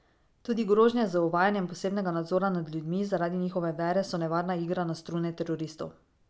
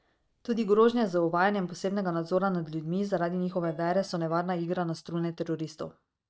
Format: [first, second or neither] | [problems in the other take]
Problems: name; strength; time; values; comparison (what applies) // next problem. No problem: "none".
first | noise reduction (neural mask model DeepFilterNet 3)